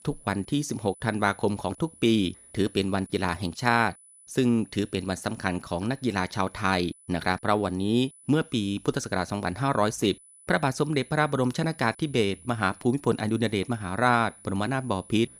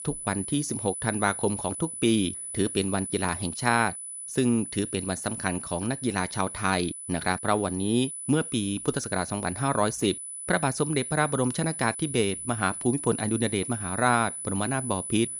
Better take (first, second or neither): first